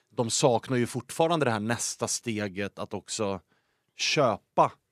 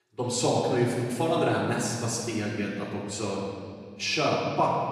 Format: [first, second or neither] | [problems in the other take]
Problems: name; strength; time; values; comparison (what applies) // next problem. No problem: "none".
first | off-mic speech; far // room echo; noticeable; dies away in 2.3 s